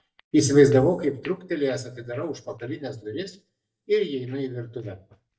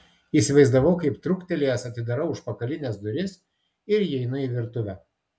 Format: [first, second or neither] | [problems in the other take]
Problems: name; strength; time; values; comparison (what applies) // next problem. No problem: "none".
second | noise reduction (neural mask model DeepFilterNet 3)